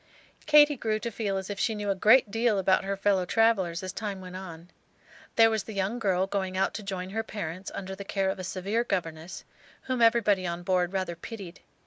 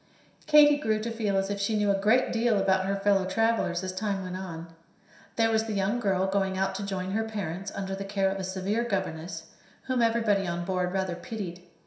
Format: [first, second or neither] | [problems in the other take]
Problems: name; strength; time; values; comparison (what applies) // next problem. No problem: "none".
first | room echo; dies away in 0.7 s